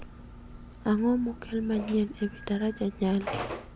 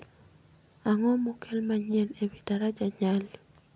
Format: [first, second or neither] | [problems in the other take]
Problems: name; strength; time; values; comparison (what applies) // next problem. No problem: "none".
second | background sound (Telephone); 11 dB below the speech